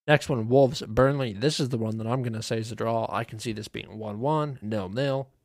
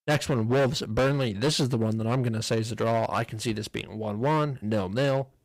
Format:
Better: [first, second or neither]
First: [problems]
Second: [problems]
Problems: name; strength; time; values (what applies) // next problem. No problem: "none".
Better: first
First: none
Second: distortion; heavy; 10% of the sound clipped